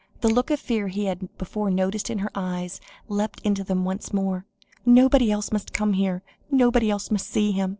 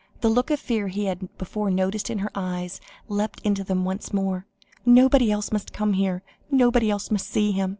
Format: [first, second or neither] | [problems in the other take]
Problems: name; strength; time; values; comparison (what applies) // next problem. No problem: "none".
second | noise reduction (neural separator model SepFormer DNS4)